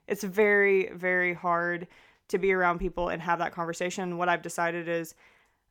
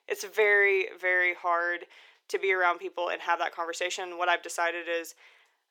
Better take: first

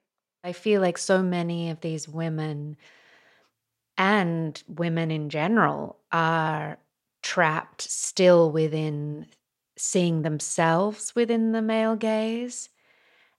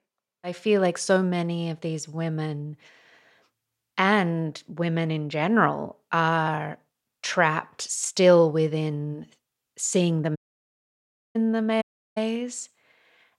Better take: first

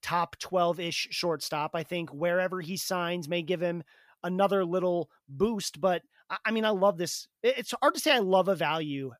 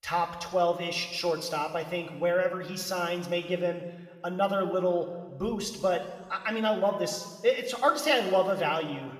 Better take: first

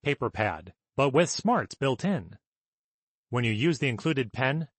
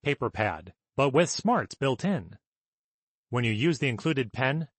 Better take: neither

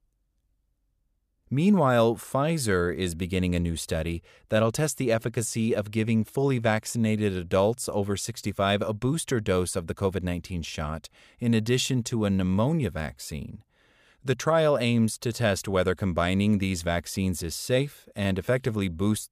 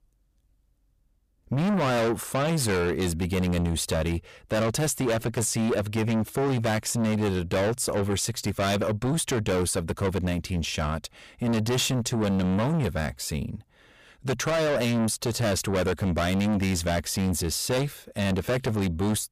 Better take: first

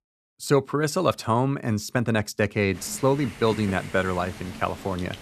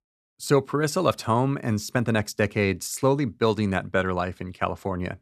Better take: second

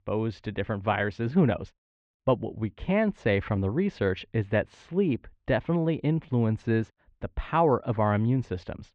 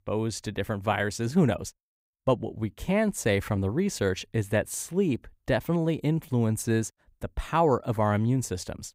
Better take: second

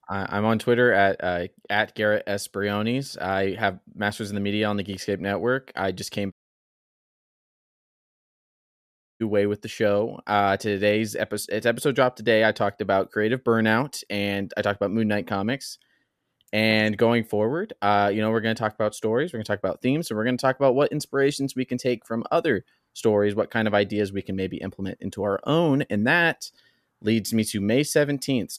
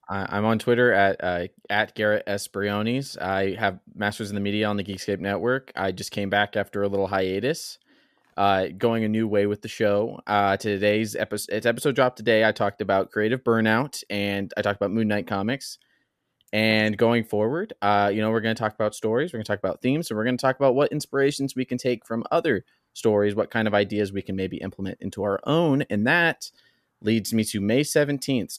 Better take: second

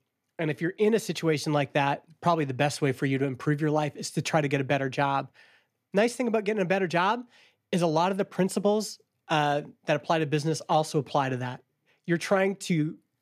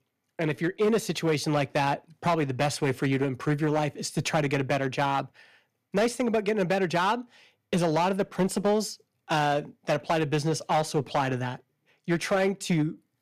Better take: first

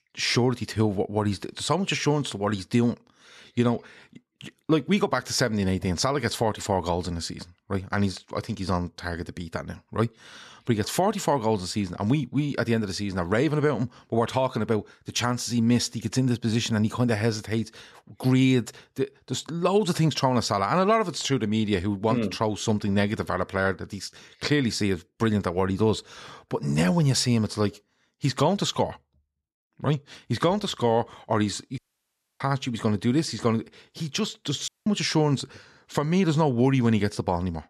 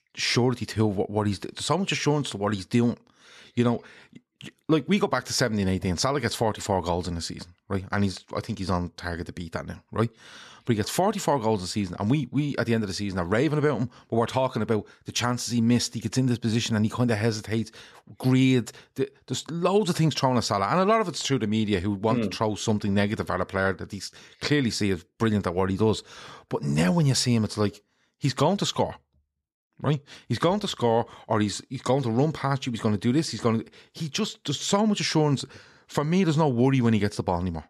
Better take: second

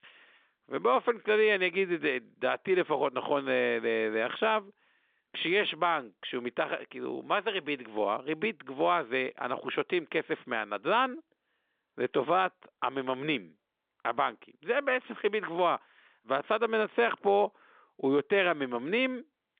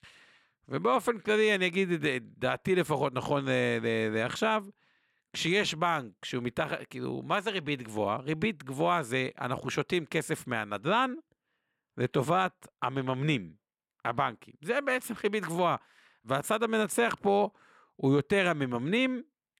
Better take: second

